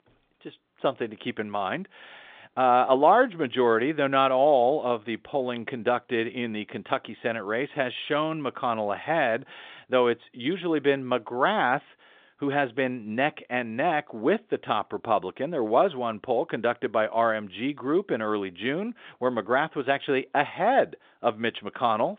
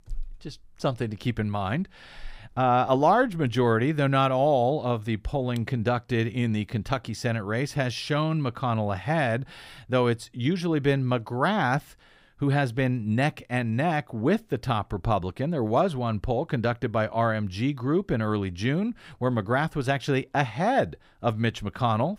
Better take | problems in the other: second | phone-call audio

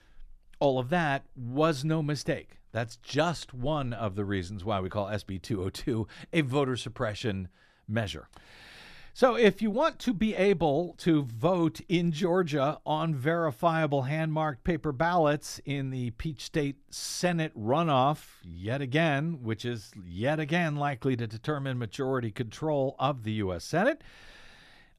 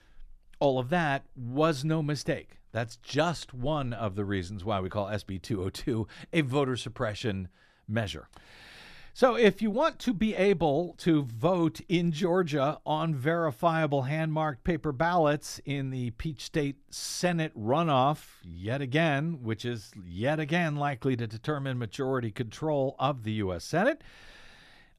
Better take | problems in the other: neither | none

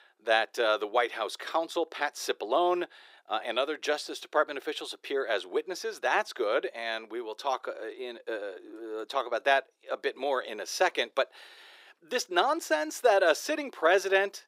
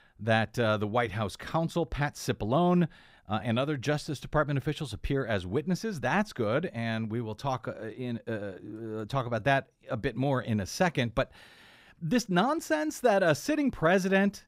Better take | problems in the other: second | thin; very; fading below 350 Hz

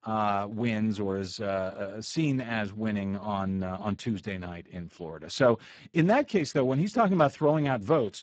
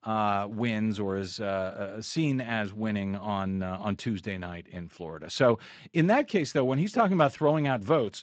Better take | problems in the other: second | garbled, watery; badly; nothing above 7.5 kHz; slightly in the second

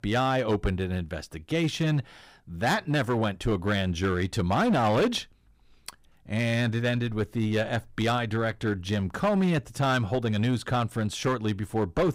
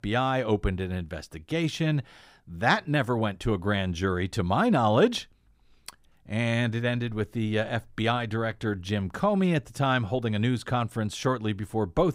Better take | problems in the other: second | distortion; slight; 7% of the sound clipped

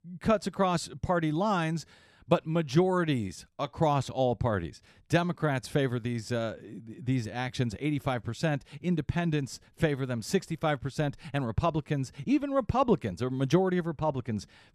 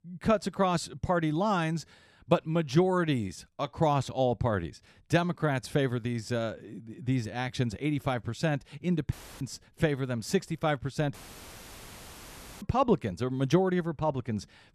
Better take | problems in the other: first | audio cutting out; filled with static; at 9 s and at 11 s for 1.5 s

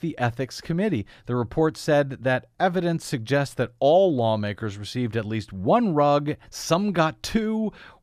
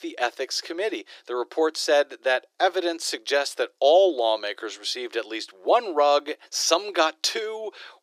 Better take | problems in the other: first | thin; very; fading below 350 Hz

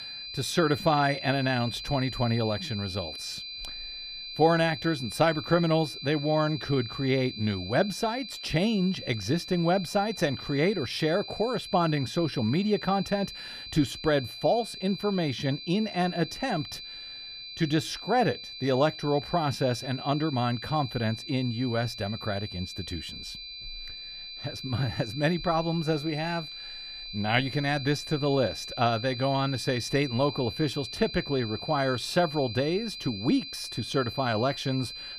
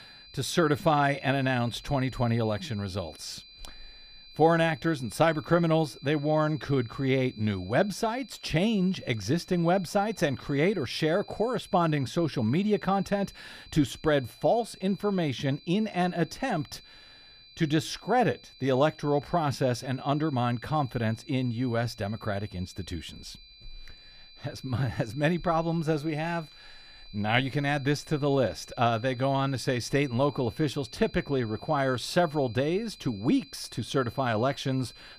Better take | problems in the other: second | high-pitched whine; loud; throughout; 4 kHz, 9 dB below the speech; faint in the second

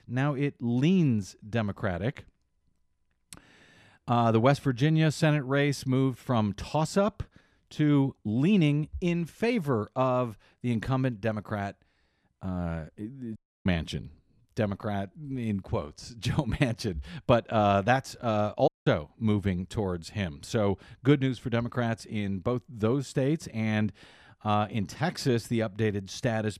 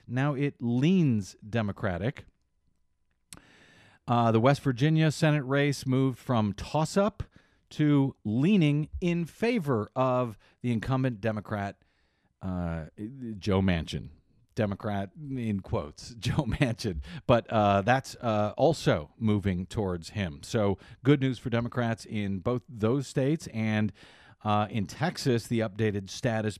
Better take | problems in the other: second | audio cutting out; at 13 s and at 19 s

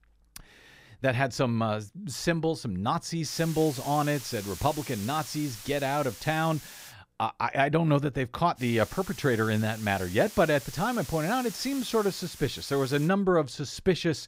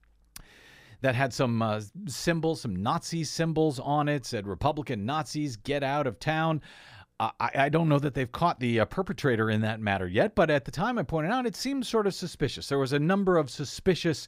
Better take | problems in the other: second | hiss; noticeable; from 3.5 to 7 s and from 8.5 to 13 s; 15 dB below the speech

